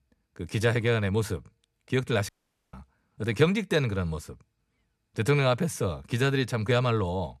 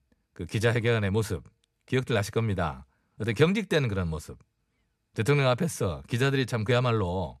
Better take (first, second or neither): second